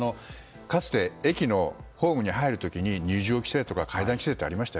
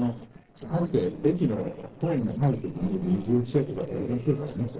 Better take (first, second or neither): first